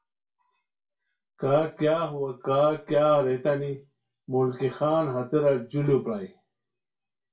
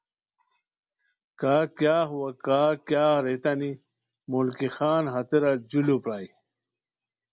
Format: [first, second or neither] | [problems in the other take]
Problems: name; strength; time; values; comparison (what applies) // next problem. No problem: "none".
second | room echo; dies away in 0.2 s